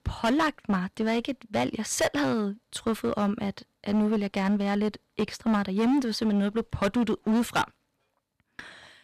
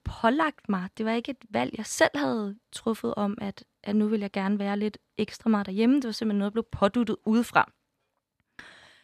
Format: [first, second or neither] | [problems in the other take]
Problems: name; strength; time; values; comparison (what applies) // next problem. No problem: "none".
second | distortion; heavy; 11% of the sound clipped